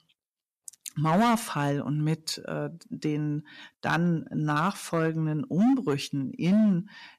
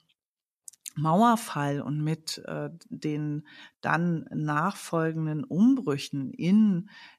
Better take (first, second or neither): second